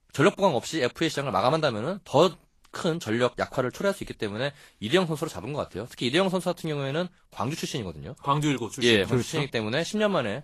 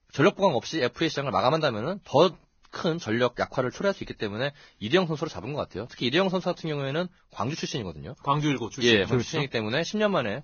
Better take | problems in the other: first | garbled, watery; badly; nothing above 6.5 kHz; slightly in the first

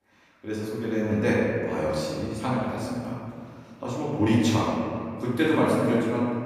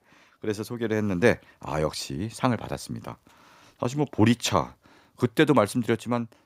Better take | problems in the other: second | room echo; strong; dies away in 2.1 s // off-mic speech; far

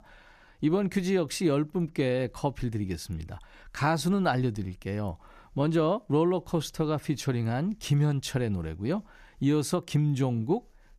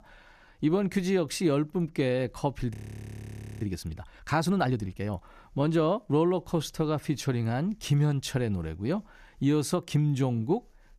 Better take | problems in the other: first | audio freezing; at 2.5 s for 1 s

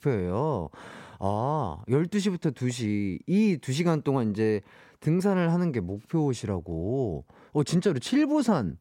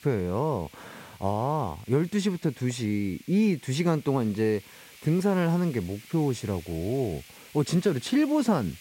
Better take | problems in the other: first | hiss; faint; throughout; 20 dB below the speech

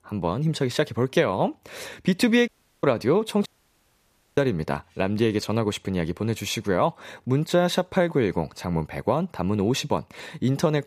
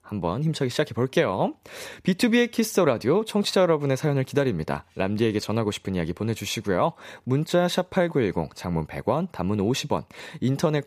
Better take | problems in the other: second | audio cutting out; at 2.5 s and at 3.5 s for 1 s

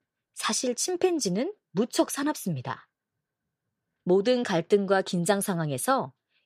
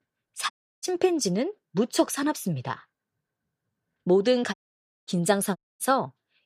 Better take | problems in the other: first | audio cutting out; at 0.5 s, at 4.5 s for 0.5 s and at 5.5 s

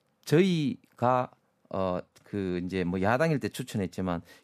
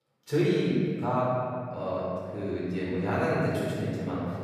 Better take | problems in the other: first | off-mic speech; far // room echo; strong; dies away in 2 s

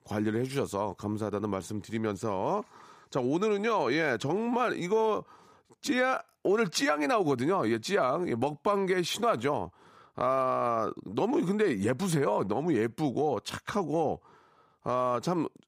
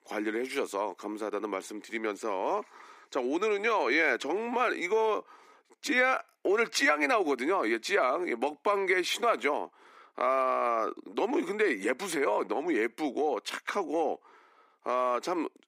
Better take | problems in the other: first | thin; very slightly; fading below 250 Hz

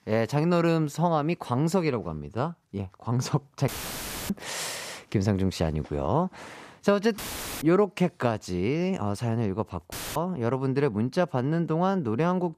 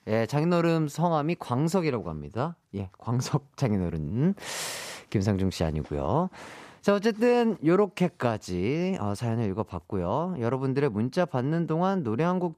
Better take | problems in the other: second | audio cutting out; filled with static; at 3.5 s for 0.5 s, at 7 s and at 10 s

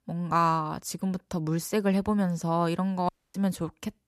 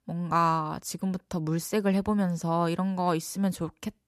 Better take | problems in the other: second | audio cutting out; at 3 s

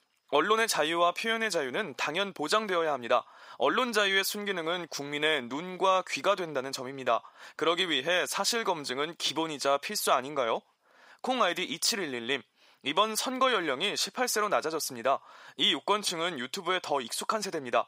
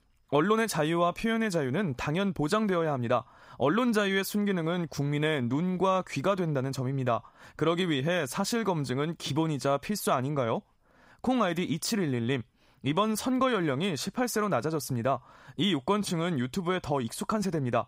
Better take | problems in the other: second | thin; somewhat; fading below 450 Hz

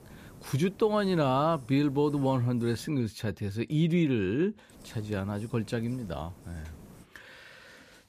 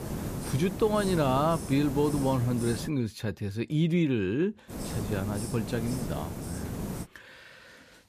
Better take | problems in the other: first | hiss; loud; until 3 s and from 4.5 to 7 s; 8 dB below the speech; faint in the first

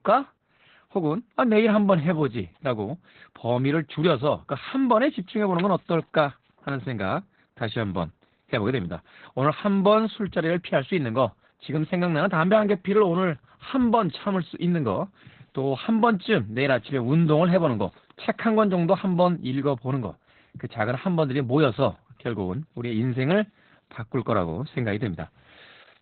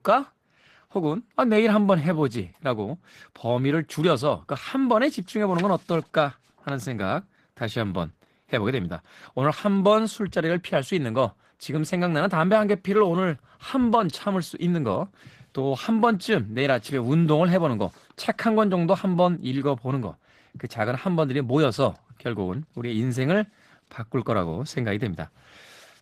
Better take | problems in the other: second | garbled, watery; badly; nothing above 4 kHz; slightly in the second

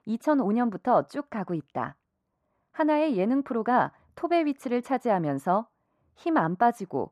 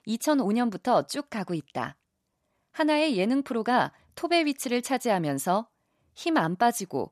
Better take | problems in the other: second | muffled; very; fading above 2.5 kHz

